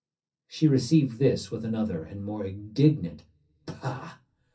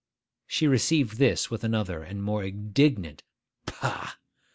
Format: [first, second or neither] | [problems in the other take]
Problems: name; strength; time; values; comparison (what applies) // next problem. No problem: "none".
second | room echo; dies away in 0.3 s